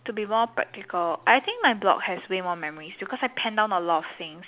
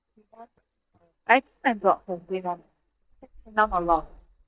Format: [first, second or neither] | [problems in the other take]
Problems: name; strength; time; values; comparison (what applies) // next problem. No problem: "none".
first | noise reduction (neural mask model DeepFilterNet 3)